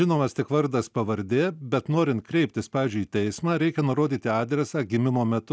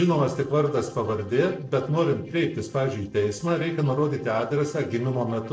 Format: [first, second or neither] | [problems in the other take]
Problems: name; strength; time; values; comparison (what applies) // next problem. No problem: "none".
first | noise reduction (neural separator model SepFormer DNS4)